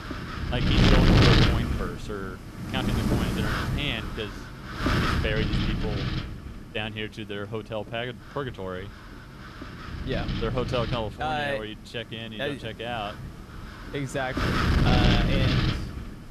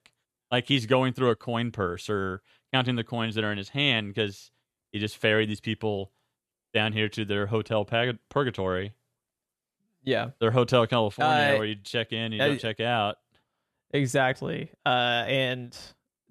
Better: second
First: wind noise on the microphone; heavy; 3 dB above the speech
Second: none

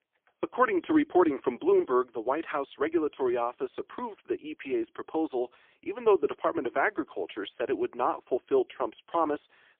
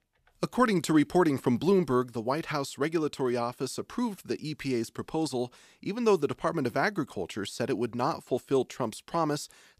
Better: second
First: phone-call audio; poor line; nothing above 3.5 kHz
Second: none

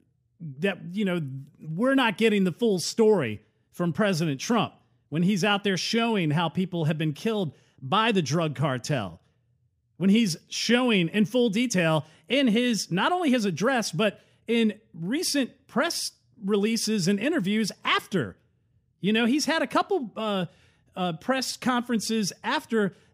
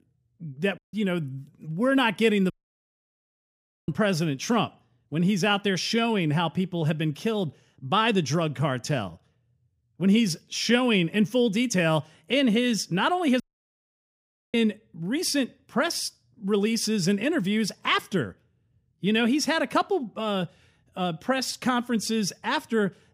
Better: first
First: none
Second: audio cutting out; at 1 s, at 2.5 s for 1.5 s and at 13 s for 1 s

